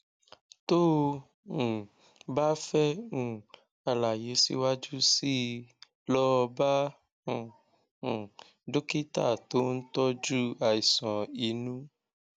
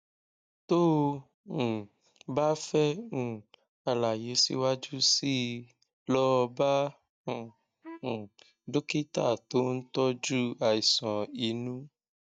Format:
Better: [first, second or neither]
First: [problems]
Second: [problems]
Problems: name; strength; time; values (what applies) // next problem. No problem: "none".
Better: first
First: none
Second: noise reduction (neural mask model DeepFilterNet 3)